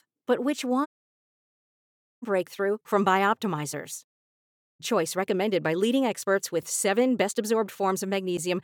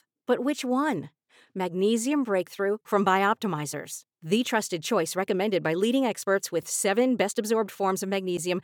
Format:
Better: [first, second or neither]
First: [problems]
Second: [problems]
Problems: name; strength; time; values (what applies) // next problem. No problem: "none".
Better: second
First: audio cutting out; at 1 s for 1.5 s and at 4 s for 0.5 s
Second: none